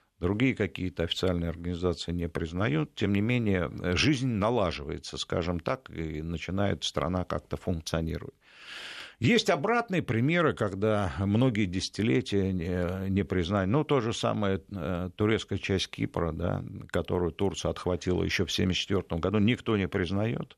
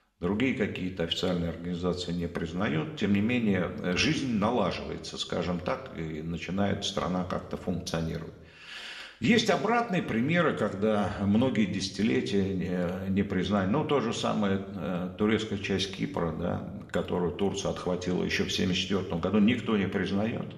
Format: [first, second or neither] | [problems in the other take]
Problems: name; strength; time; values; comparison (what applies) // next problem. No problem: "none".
first | room echo; very slight; dies away in 0.8 s